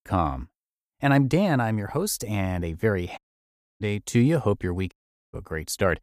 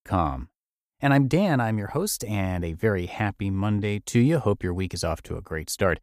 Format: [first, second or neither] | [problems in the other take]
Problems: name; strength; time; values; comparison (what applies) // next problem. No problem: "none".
second | audio cutting out; at 3 s for 0.5 s and at 5 s